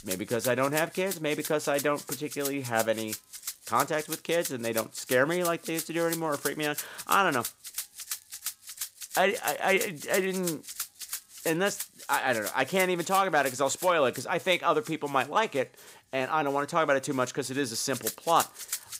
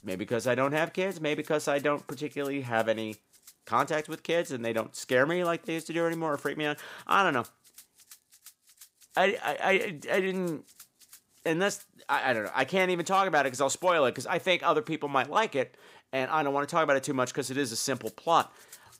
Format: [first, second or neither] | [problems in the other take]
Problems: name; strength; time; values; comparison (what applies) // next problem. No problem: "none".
second | background music; loud; throughout; 9 dB below the speech; faint in the second